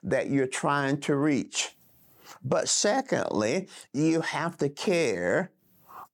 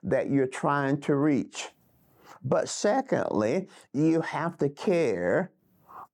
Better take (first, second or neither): first